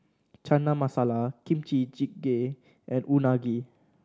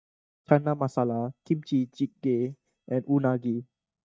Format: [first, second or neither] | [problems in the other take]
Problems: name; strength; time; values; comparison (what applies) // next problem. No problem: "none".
first | noise reduction (neural mask model DeepFilterNet 3)